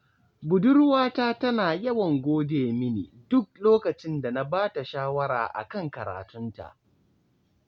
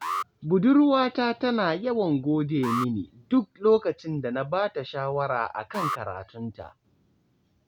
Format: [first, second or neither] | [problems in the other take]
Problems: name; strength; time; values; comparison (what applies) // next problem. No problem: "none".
first | background sound (Alarm); 11 dB below the speech